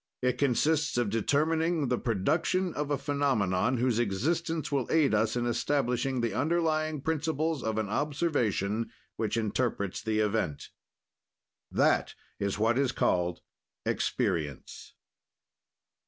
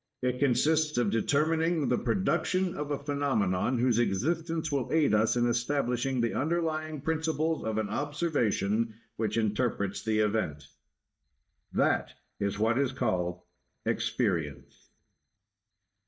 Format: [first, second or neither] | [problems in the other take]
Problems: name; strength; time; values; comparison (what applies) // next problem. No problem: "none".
first | noise reduction (neural mask model DeepFilterNet 3)